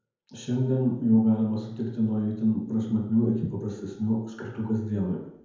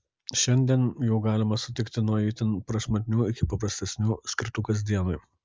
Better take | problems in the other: second | room echo; dies away in 0.9 s

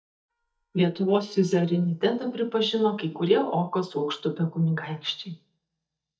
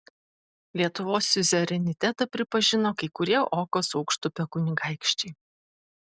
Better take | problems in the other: second | noise reduction (neural mask model DeepFilterNet 3)

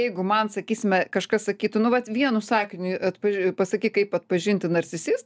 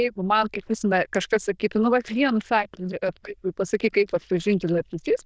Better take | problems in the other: first | noise reduction (neural diffusion model UNIVERSE++)

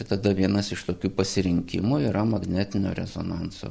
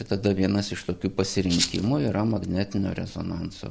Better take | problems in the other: first | background sound (Rattle (instrument)); 4 dB below the speech

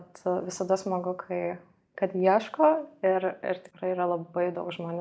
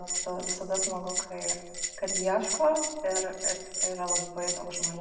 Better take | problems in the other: first | background sound (Bell); as loud as the speech // room echo; dies away in 1.2 s

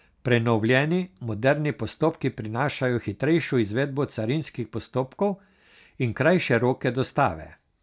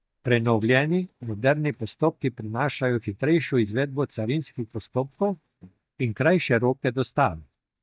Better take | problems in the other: first | noise reduction (neural mask model DeepFilterNet 3)

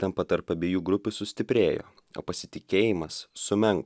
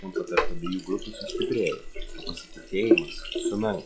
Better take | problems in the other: first | noise reduction (classical method log-MMSE)

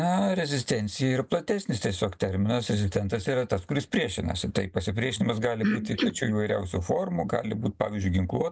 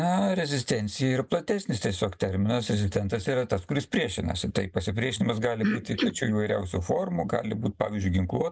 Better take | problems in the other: first | noise reduction (neural mask model Resemble Enhance denoiser)

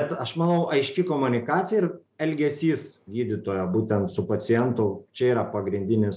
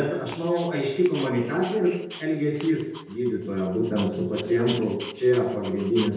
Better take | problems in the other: first | background sound (Dog); 18 dB below the speech // room echo; dies away in 0.8 s

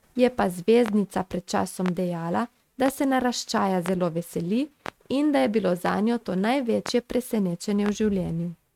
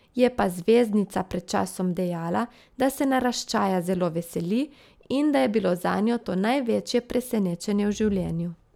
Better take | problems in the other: second | noise reduction (neural mask model RNNoise)

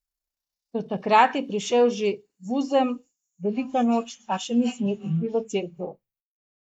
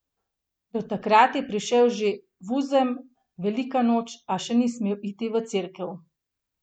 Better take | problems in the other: second | noise reduction (neural mask model Resemble Enhance denoiser)

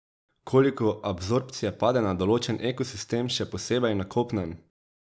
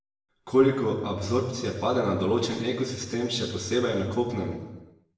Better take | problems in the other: first | room echo; dies away in 1.1 s

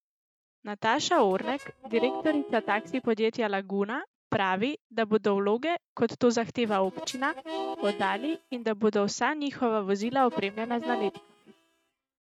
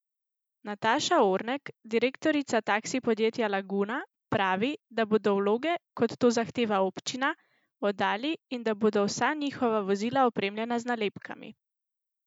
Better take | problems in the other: second | noise reduction (neural mask model RNNoise)

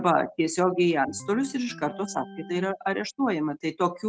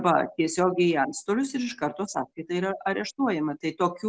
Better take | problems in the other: second | noise reduction (neural mask model RNNoise)

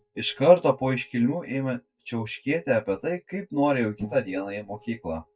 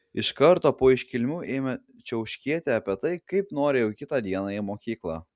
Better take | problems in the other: second | noise reduction (neural mask model DeepFilterNet 3)

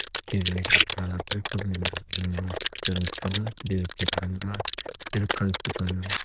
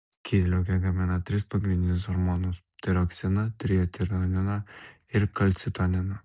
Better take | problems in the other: second | noise reduction (neural diffusion model UNIVERSE++)

